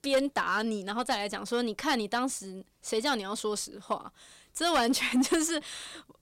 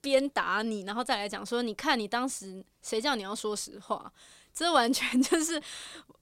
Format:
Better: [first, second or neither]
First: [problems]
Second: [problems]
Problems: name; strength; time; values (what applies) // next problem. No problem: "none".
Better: second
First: distortion; slight; 3% of the sound clipped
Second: none